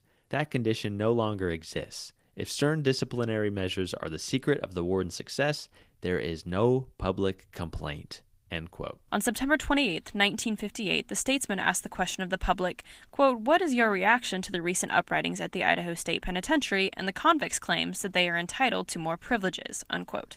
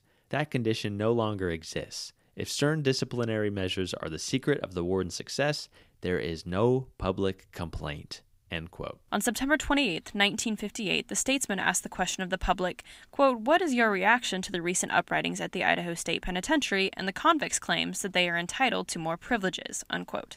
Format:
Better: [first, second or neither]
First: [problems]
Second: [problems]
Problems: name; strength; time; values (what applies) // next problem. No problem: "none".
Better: second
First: garbled, watery; slightly; nothing above 15.5 kHz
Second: none